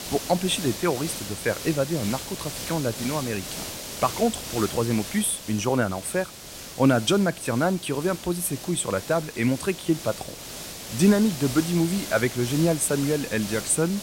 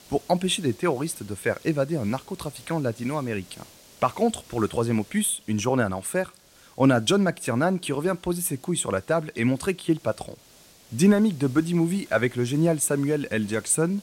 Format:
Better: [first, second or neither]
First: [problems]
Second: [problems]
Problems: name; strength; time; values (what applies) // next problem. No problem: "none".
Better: second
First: hiss; loud; throughout; 9 dB below the speech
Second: hiss; faint; throughout; 25 dB below the speech